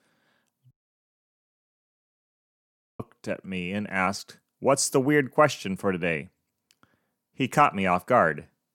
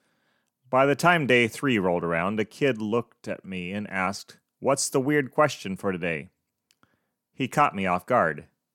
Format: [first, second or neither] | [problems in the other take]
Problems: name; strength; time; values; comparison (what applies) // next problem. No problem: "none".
second | audio cutting out; at 0.5 s for 2.5 s